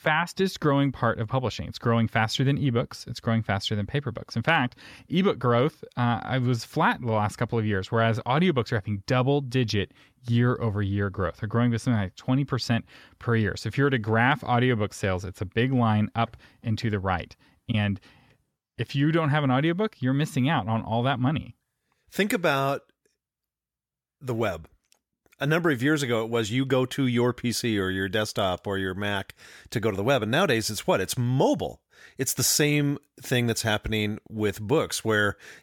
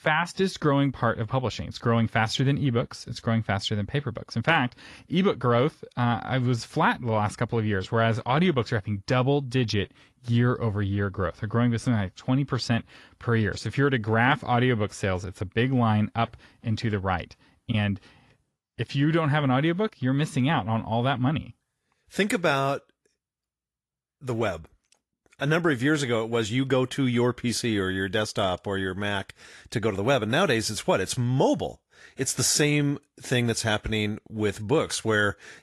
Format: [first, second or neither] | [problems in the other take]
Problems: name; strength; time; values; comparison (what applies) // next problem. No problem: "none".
first | garbled, watery; slightly; nothing above 11.5 kHz